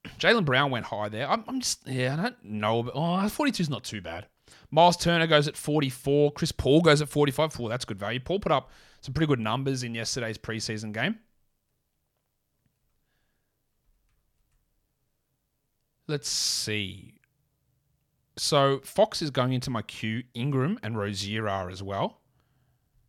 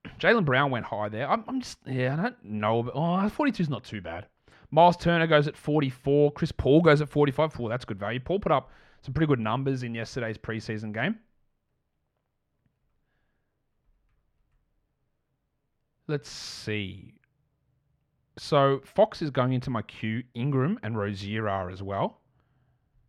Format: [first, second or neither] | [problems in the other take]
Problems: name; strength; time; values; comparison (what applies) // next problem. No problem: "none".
first | muffled; slightly; fading above 4 kHz